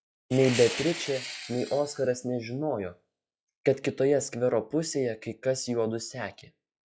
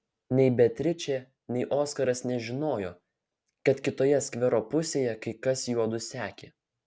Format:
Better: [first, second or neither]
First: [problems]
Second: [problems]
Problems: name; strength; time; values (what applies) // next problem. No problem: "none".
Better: second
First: noise reduction (classical method log-MMSE)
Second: none